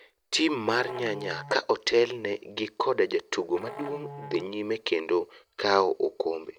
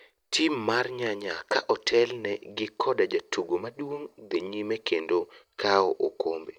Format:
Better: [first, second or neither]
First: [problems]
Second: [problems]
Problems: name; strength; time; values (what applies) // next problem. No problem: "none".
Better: second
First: background sound (Musical instrument); 17 dB below the speech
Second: none